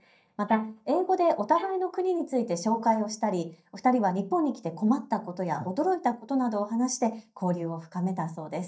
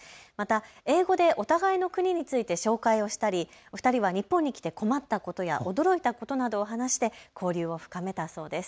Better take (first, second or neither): second